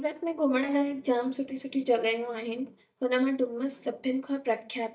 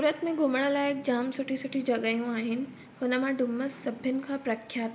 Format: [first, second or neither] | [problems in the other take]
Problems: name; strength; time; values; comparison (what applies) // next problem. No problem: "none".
second | noise reduction (neural mask model DeepFilterNet 3)